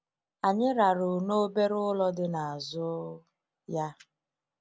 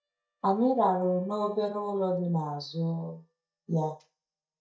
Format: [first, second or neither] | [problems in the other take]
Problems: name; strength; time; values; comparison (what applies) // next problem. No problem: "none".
first | noise reduction (neural mask model DeepFilterNet 3)